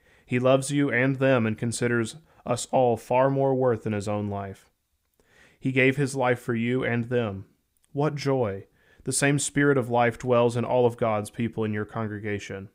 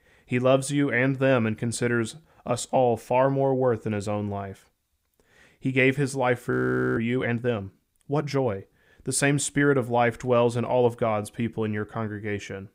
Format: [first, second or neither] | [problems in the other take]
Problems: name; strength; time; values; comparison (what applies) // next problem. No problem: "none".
first | audio freezing; at 6.5 s